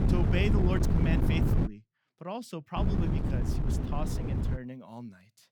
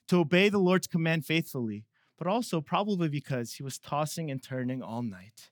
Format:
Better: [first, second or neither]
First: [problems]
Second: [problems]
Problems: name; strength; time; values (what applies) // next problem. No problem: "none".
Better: second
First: wind noise on the microphone; heavy; until 1.5 s and from 3 to 4.5 s; as loud as the speech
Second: none